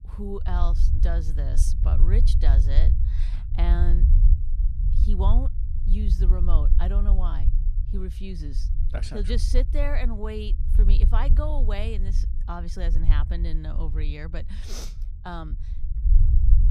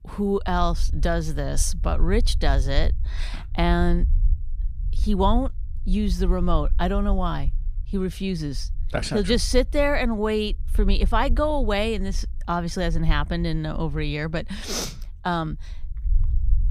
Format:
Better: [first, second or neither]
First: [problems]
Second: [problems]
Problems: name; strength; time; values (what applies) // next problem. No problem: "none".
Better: second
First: low rumble; loud; throughout; 8 dB below the speech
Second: low rumble; faint; throughout; 25 dB below the speech